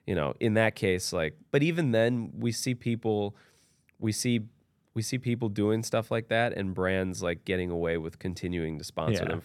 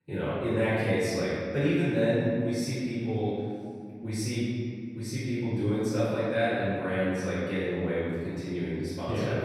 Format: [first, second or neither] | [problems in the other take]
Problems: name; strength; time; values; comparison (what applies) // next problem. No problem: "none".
first | off-mic speech; far // room echo; strong; dies away in 2.1 s